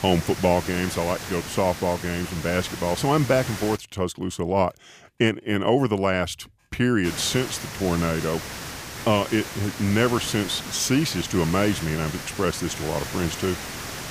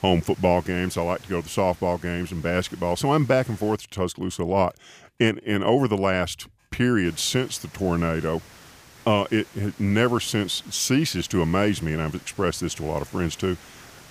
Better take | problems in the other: second | hiss; loud; until 4 s and from 7 s on; 9 dB below the speech; faint in the second

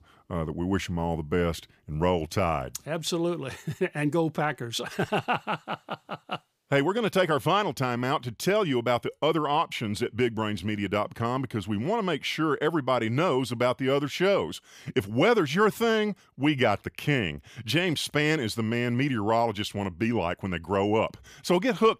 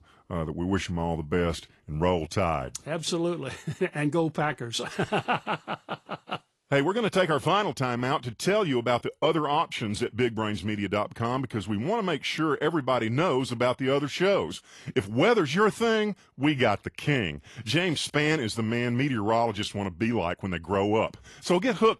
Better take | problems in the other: first | garbled, watery; slightly; nothing above 11.5 kHz

